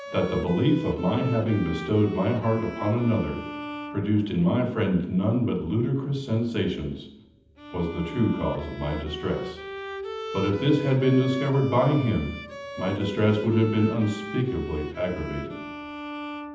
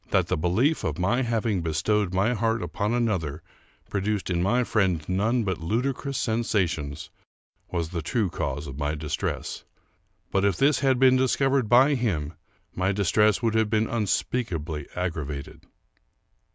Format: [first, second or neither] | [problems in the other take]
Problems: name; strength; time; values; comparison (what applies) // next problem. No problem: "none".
second | background sound (Bowed string instrument); 12 dB below the speech // room echo; dies away in 0.8 s